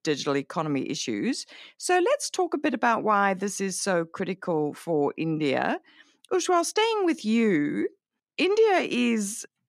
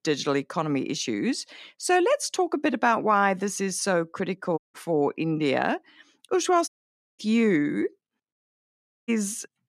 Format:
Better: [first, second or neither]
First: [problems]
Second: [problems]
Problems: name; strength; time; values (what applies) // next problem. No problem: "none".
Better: first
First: none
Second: audio cutting out; at 4.5 s, at 6.5 s for 0.5 s and at 8.5 s for 0.5 s